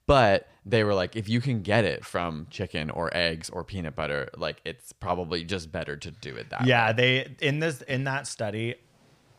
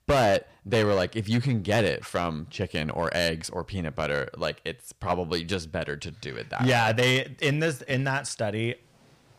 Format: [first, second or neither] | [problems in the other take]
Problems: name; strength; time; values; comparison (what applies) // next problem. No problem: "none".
first | distortion; slight; 5% of the sound clipped